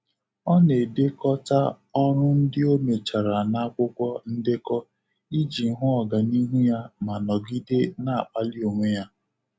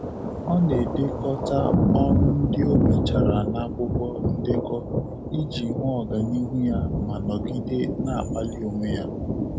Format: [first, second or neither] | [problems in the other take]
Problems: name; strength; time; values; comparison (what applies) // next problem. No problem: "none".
first | background sound (Thunder); 2 dB above the speech